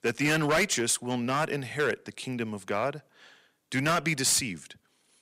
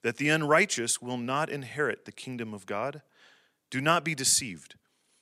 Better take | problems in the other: second | distortion; heavy; 7% of the sound clipped

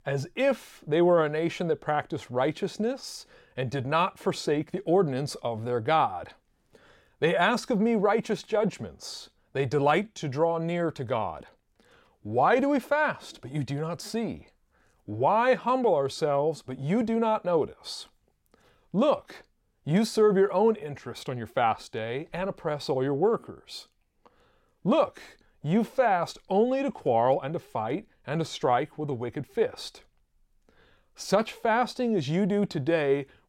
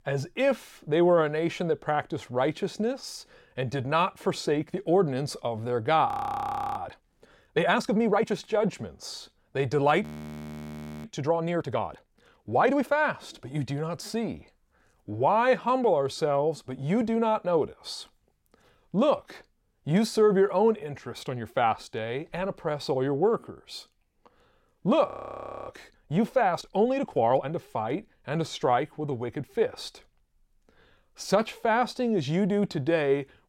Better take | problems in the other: first | audio freezing; at 6 s for 0.5 s, at 10 s for 1 s and at 25 s for 0.5 s

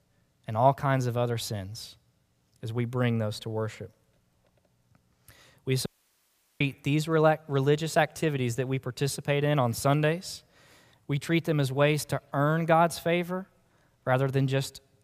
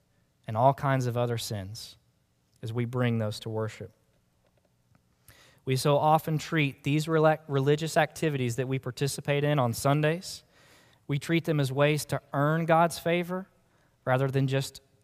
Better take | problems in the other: second | audio cutting out; at 6 s for 0.5 s

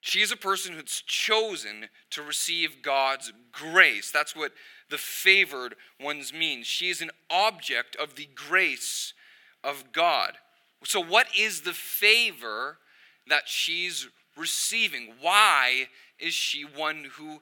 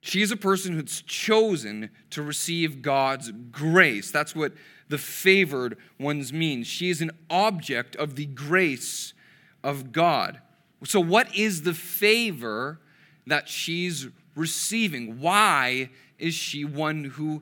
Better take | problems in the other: second | thin; very; fading below 600 Hz

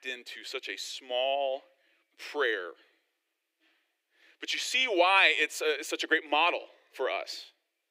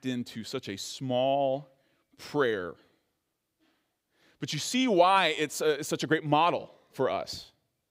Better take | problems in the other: second | thin; very; fading below 350 Hz

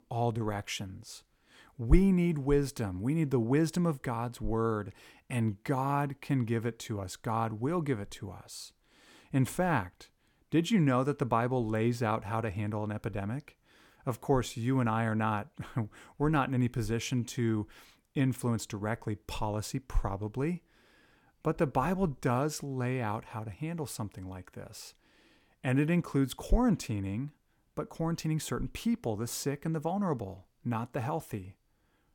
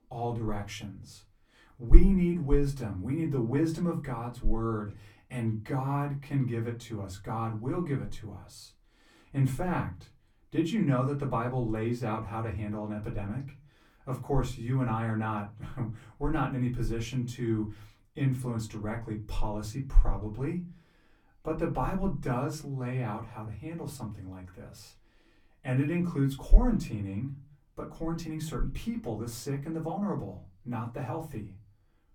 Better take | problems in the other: first | off-mic speech; far // room echo; very slight; dies away in 0.3 s

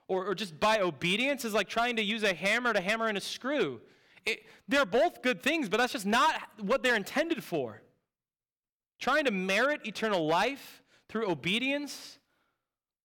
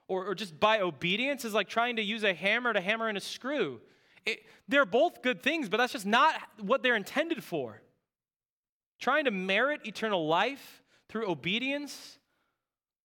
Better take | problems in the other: second | distortion; slight; 4% of the sound clipped

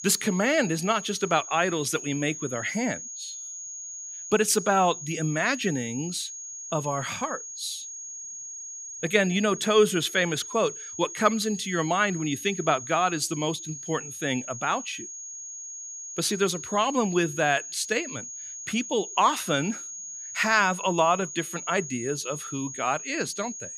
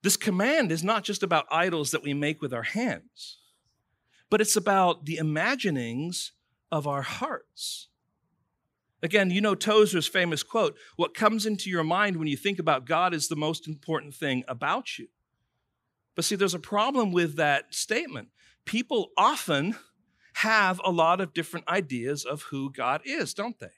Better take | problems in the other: second | high-pitched whine; loud; throughout; 6.5 kHz, 10 dB below the speech

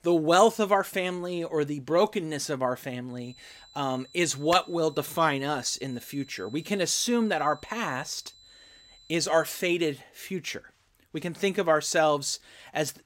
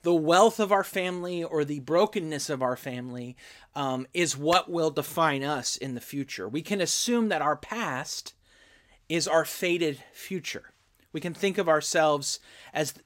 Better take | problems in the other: second | high-pitched whine; faint; from 3 to 9.5 s; 4 kHz, 25 dB below the speech

